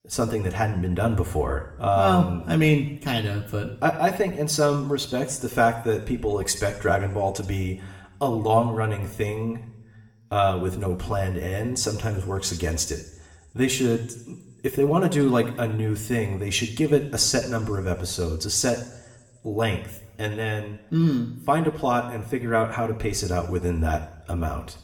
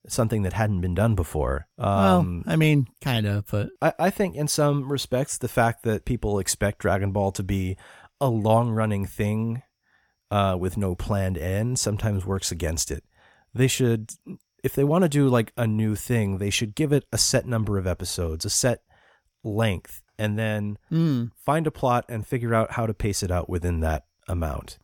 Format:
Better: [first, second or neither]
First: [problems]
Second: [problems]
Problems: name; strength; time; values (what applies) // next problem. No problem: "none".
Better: second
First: room echo; very slight; dies away in 0.7 s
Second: none